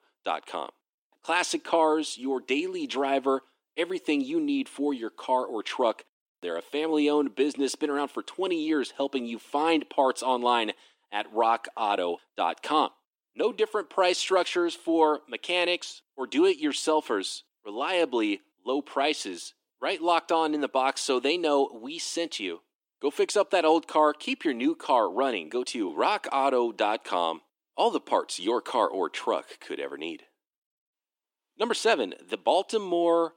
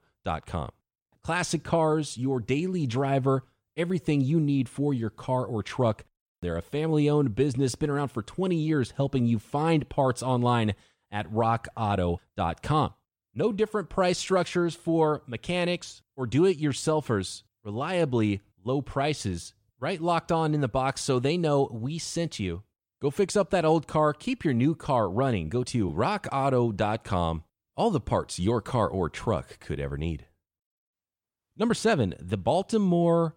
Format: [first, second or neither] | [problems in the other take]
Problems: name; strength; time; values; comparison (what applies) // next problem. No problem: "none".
second | thin; somewhat; fading below 300 Hz